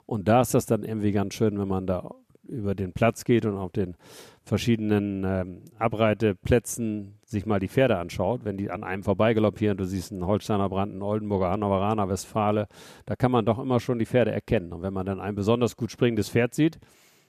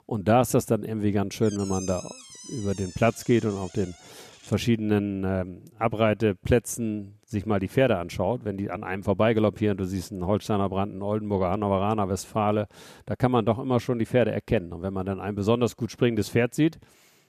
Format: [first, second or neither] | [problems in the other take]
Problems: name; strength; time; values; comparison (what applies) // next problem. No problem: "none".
first | door banging; faint; from 1.5 to 4.5 s; peak 10 dB below the speech